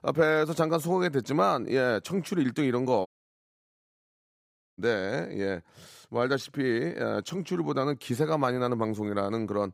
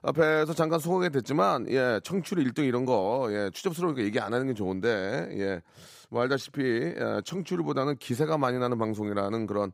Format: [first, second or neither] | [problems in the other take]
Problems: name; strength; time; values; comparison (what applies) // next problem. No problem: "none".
second | audio cutting out; at 3 s for 1.5 s